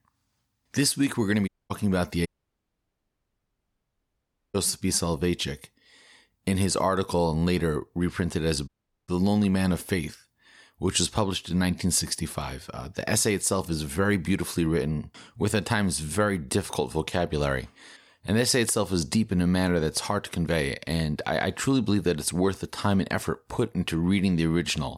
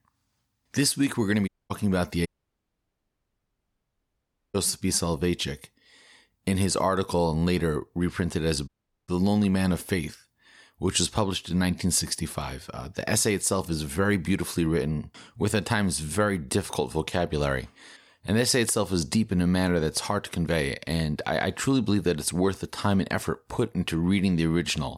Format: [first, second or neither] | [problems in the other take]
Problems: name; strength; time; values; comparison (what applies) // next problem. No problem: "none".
neither | audio cutting out; at 1.5 s, at 2.5 s for 2.5 s and at 8.5 s; the same in both